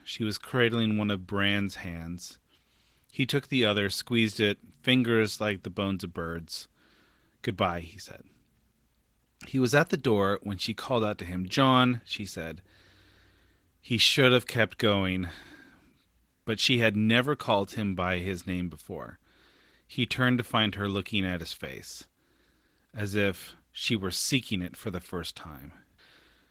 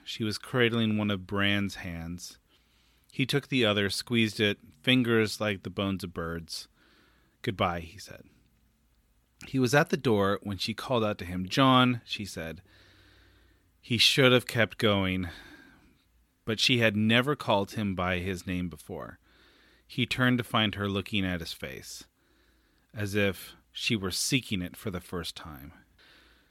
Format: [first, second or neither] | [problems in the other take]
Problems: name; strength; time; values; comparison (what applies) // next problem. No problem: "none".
second | garbled, watery; slightly; nothing above 18.5 kHz